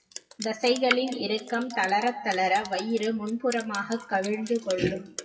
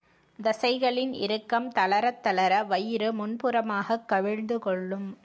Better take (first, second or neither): second